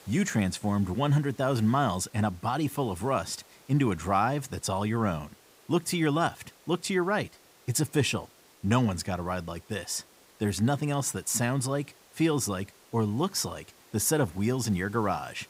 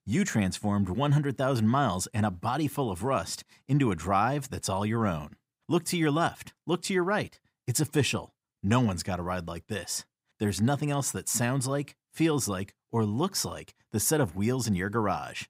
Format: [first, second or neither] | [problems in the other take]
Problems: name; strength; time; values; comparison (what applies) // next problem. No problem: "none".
second | hiss; faint; throughout; 25 dB below the speech